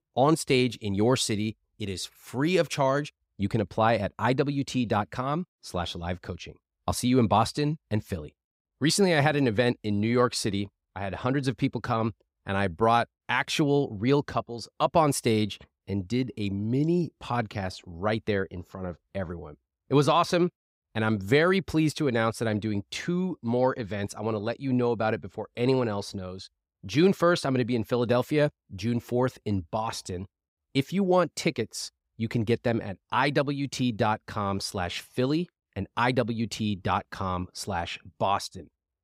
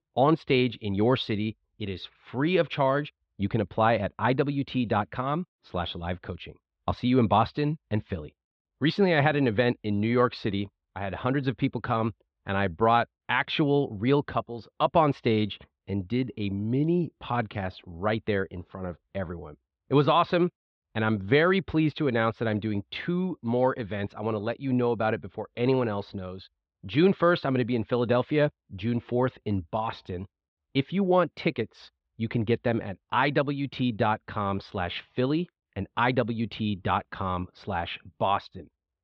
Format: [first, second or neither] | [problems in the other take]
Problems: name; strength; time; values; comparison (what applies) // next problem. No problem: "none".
first | muffled; slightly; fading above 3.5 kHz